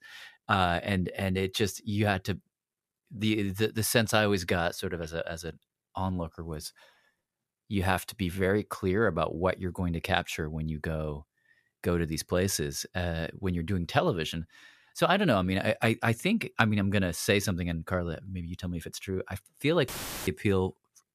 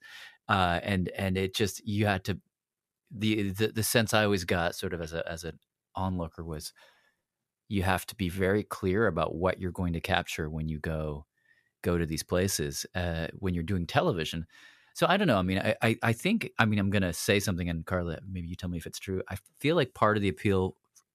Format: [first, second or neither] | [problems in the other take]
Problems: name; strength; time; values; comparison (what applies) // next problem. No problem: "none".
second | audio cutting out; filled with static; at 20 s